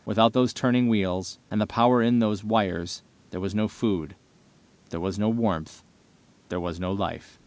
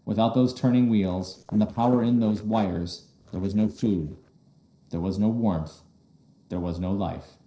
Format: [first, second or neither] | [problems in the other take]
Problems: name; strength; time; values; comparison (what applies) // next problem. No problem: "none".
first | noise reduction (neural separator model SepFormer DNS4)